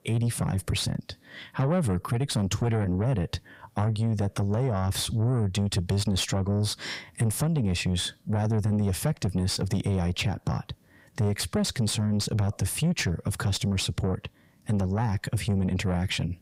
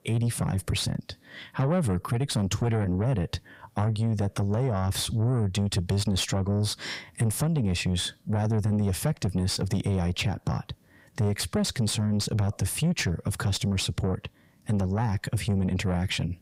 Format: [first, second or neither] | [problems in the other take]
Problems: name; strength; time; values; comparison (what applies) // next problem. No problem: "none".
neither | distortion; slight; 10 dB below the speech; the same in both